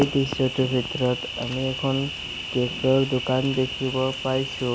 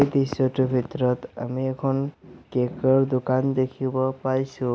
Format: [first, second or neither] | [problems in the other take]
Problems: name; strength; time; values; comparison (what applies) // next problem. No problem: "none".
second | background sound (Cricket); 8 dB below the speech